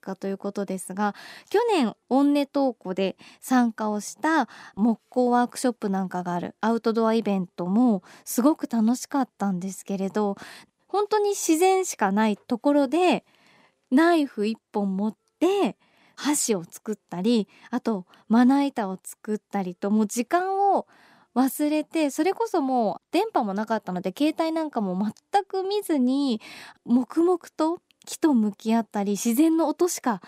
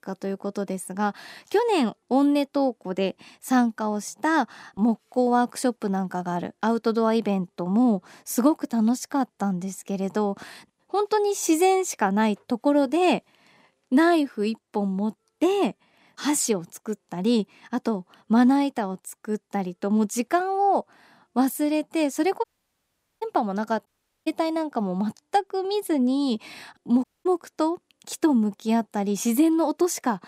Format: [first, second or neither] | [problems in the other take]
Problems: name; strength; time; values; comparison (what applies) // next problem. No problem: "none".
first | audio cutting out; at 22 s for 1 s, at 24 s and at 27 s